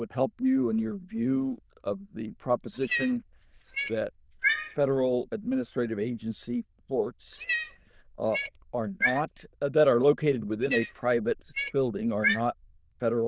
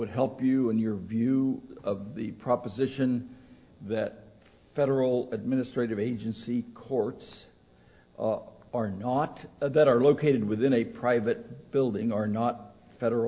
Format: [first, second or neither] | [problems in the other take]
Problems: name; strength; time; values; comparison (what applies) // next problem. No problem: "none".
second | noise reduction (neural diffusion model UNIVERSE++)